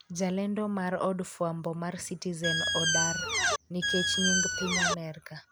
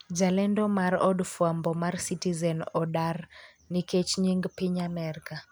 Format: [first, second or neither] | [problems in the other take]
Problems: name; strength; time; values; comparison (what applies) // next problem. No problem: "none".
second | background sound (Squeak); 5 dB above the speech